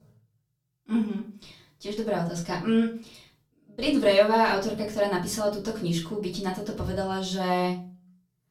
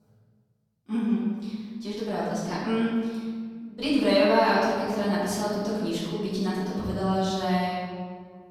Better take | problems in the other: first | room echo; strong; dies away in 1.7 s; slight in the first // off-mic speech; far; far in the first

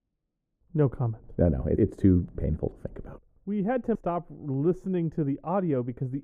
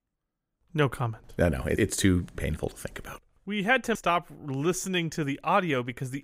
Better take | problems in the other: second | muffled; very; fading above 1.5 kHz

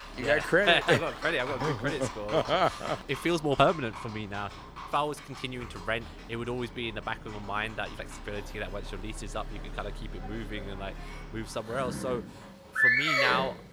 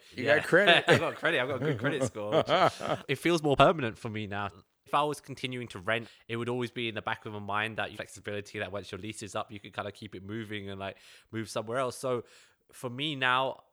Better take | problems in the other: second | animal sounds; loud; throughout; 4 dB below the speech

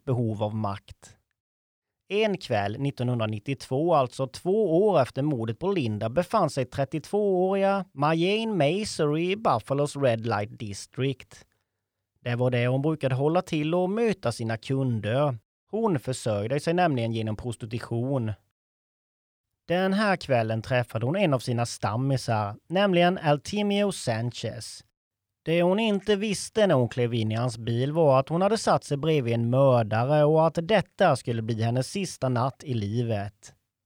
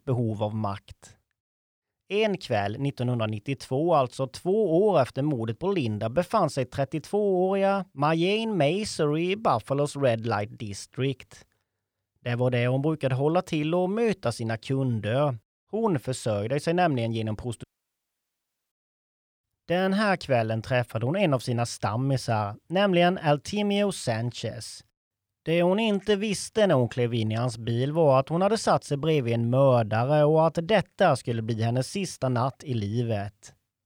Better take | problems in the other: first | audio cutting out; at 18 s for 1 s

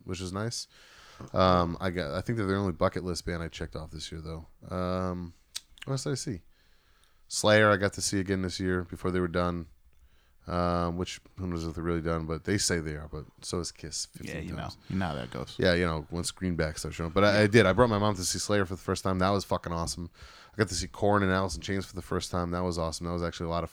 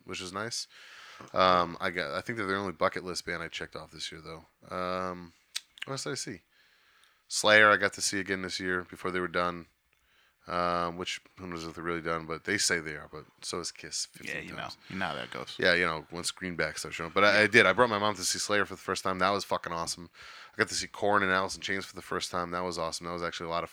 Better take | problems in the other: first | thin; somewhat; fading below 750 Hz

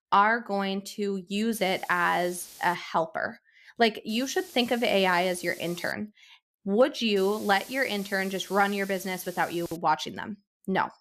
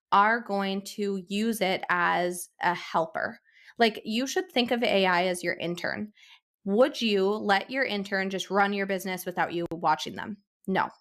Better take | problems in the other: second | hiss; noticeable; from 1.5 to 3 s, from 4 to 6 s and from 7 to 10 s; 20 dB below the speech

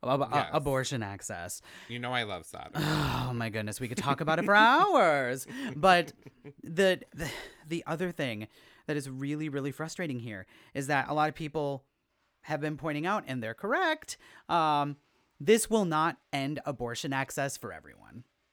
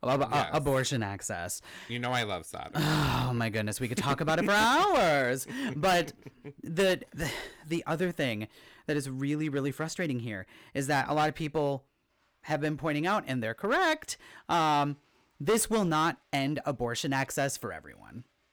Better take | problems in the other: first | distortion; heavy; 7% of the sound clipped

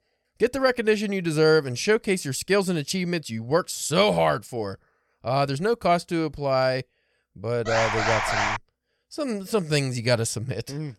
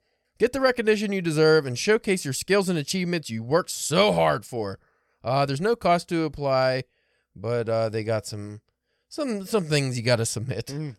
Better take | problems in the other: second | alarm; loud; at 7.5 s; peak 1 dB above the speech

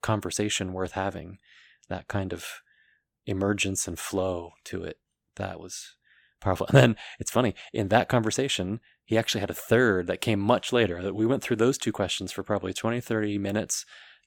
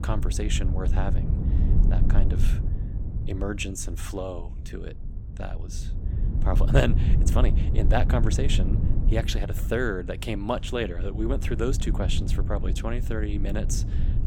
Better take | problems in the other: first | low rumble; loud; throughout; 9 dB below the speech

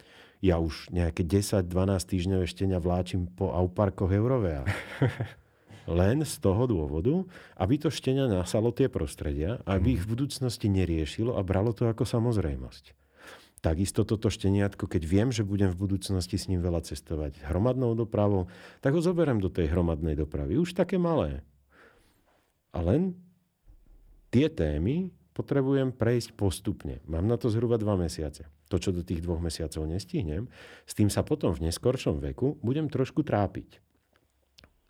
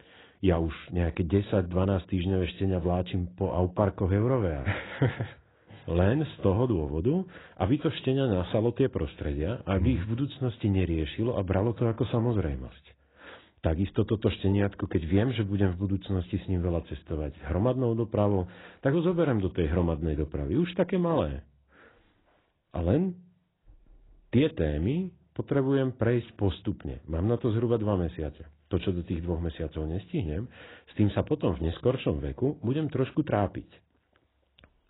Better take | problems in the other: first | garbled, watery; badly; nothing above 4 kHz

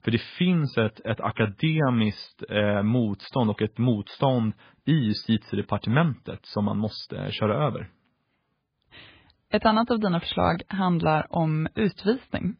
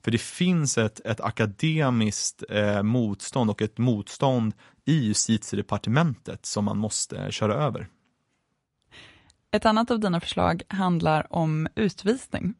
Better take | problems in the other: second | garbled, watery; badly; nothing above 5 kHz; slightly in the second

